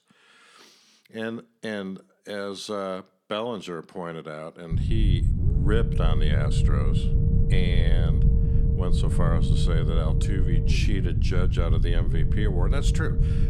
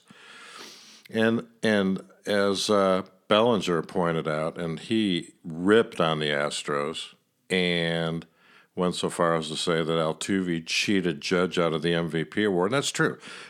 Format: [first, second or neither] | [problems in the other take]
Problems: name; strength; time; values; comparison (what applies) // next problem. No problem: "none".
second | low rumble; loud; from 4.5 s on; 3 dB below the speech